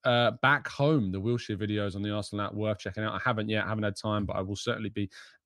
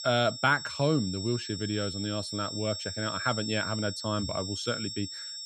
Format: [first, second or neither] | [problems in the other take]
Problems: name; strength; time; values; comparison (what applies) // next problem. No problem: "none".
first | high-pitched whine; loud; throughout; 5.5 kHz, 5 dB below the speech